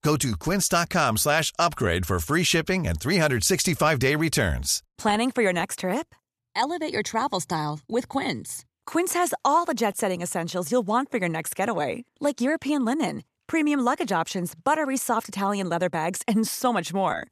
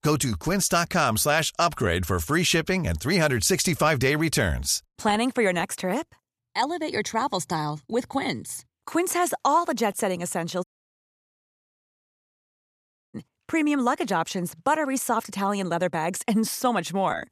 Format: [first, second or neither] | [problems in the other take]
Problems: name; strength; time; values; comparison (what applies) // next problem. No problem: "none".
first | audio cutting out; at 11 s for 2.5 s